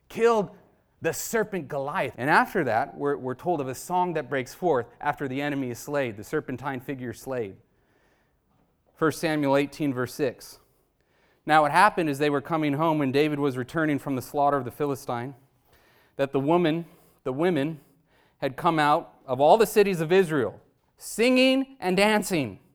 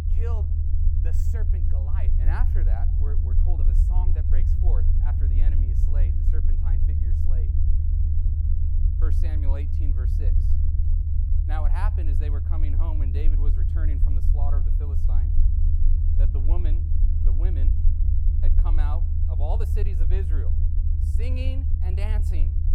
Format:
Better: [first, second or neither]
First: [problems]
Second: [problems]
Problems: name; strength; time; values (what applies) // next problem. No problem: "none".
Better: first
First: none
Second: low rumble; loud; throughout; as loud as the speech